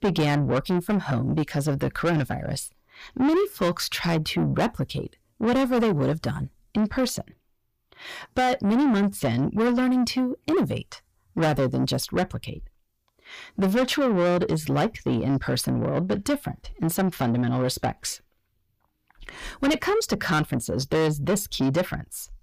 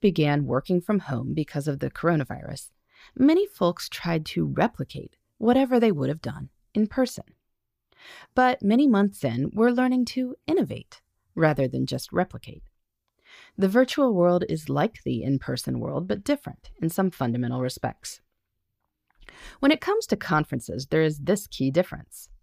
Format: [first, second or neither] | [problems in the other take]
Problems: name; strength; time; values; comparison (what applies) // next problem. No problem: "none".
second | distortion; heavy; 7 dB below the speech